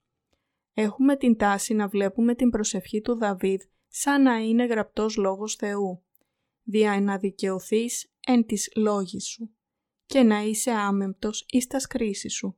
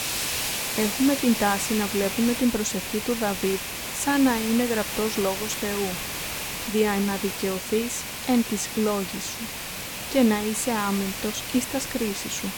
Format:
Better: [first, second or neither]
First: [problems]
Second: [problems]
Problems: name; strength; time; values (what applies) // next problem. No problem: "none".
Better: first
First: none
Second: hiss; loud; throughout; 4 dB below the speech